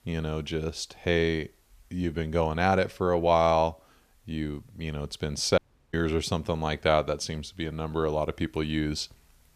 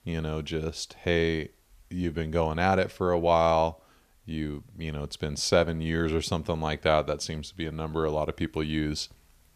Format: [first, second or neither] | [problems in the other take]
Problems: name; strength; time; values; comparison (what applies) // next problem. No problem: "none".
second | audio cutting out; at 5.5 s